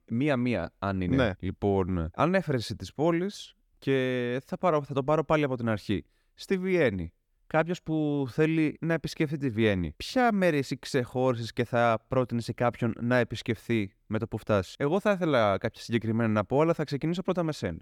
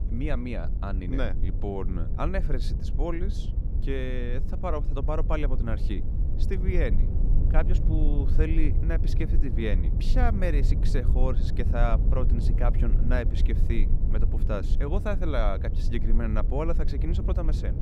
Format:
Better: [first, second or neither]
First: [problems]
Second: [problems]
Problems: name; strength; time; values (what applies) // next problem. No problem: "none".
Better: first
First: none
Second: low rumble; loud; throughout; 9 dB below the speech